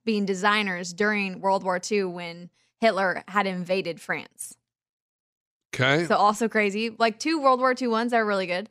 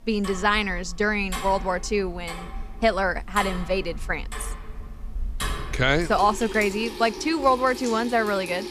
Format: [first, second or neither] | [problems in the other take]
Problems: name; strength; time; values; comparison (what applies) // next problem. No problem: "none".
first | household noises; noticeable; throughout; 10 dB below the speech